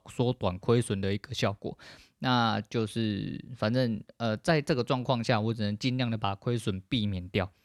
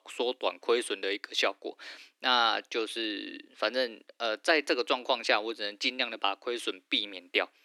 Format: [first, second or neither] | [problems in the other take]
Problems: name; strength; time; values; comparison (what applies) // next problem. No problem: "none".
first | thin; very; fading below 300 Hz